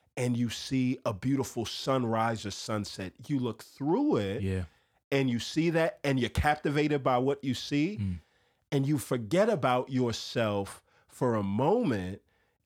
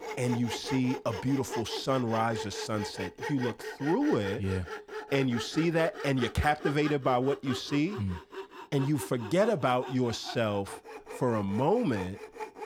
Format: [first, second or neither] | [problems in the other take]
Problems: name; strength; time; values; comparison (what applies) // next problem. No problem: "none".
first | machinery noise; noticeable; throughout; 10 dB below the speech